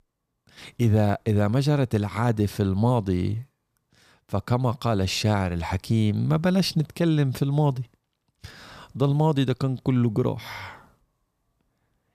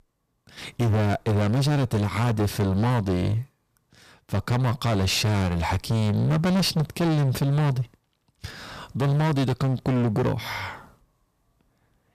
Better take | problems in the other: first | distortion; heavy; 21% of the sound clipped

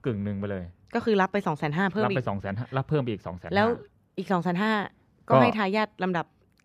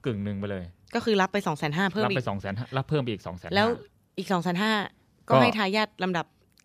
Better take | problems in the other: second | muffled; slightly; fading above 3 kHz

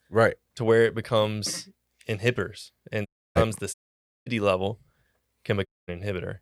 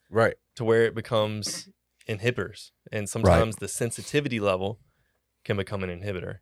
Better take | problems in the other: second | audio cutting out; at 3 s, at 3.5 s for 0.5 s and at 5.5 s

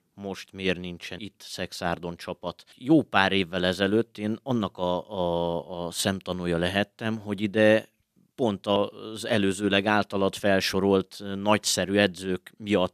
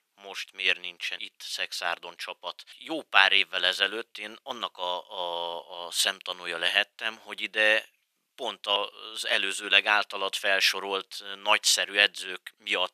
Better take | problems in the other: first | thin; very; fading below 900 Hz

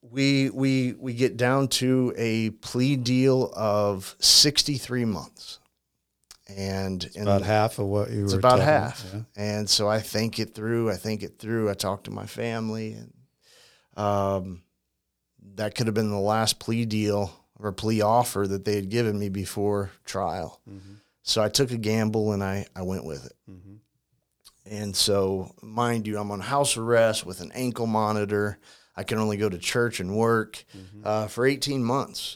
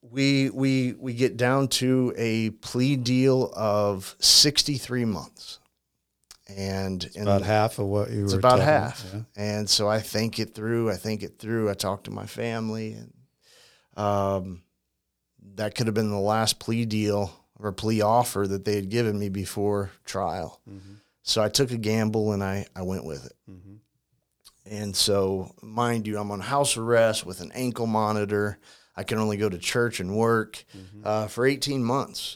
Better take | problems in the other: neither | none

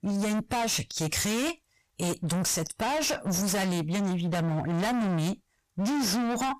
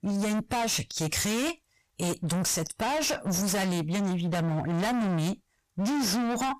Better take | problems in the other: neither | distortion; heavy; 46% of the sound clipped; the same in both

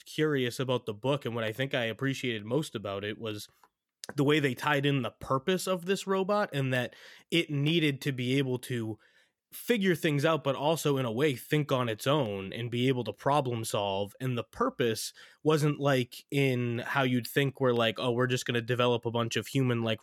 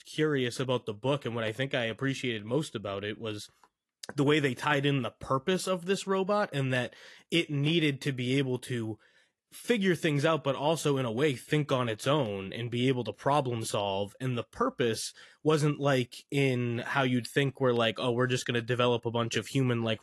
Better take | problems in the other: first | garbled, watery; slightly; nothing above 11.5 kHz

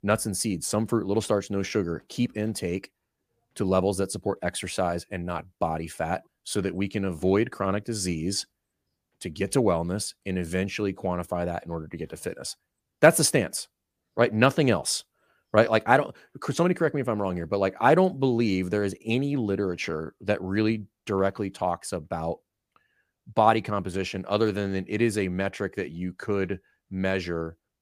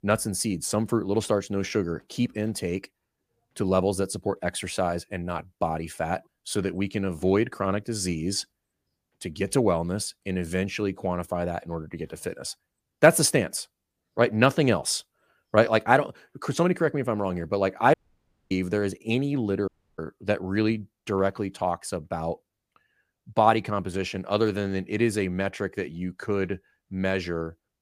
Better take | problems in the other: first | audio cutting out; at 18 s for 0.5 s and at 20 s

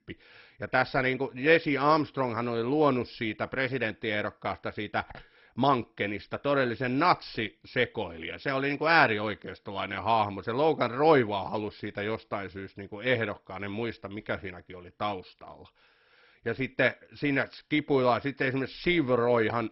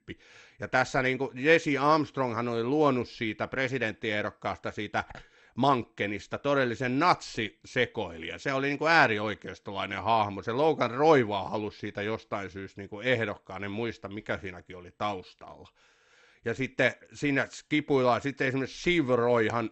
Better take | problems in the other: second | garbled, watery; badly; nothing above 5.5 kHz; slightly in the second

